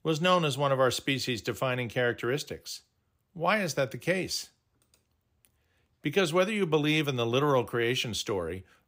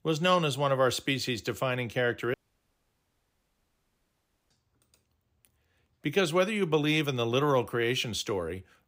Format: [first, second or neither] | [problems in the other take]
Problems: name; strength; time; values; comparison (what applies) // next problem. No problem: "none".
first | audio cutting out; at 2.5 s for 2 s